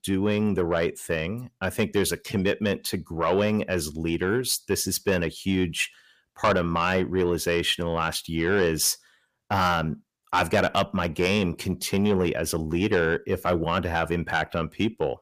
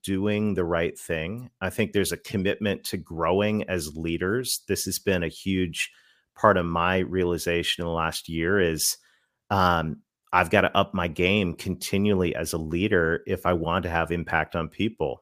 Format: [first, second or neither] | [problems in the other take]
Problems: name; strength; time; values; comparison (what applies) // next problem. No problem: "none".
second | distortion; slight; 10 dB below the speech